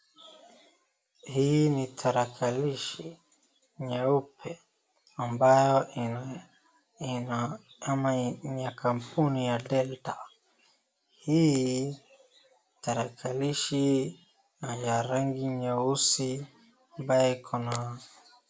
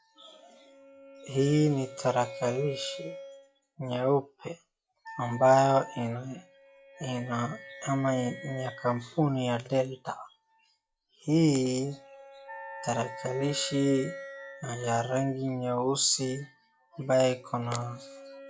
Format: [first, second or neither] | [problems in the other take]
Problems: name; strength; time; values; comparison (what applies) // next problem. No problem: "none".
first | noise reduction (classical method log-MMSE)